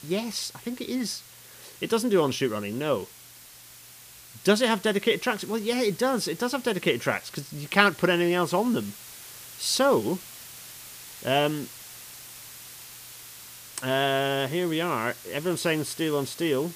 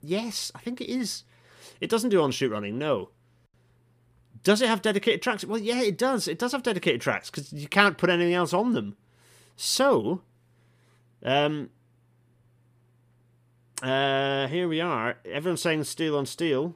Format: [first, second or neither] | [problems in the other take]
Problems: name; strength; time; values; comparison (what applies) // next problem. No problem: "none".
second | hiss; noticeable; throughout; 15 dB below the speech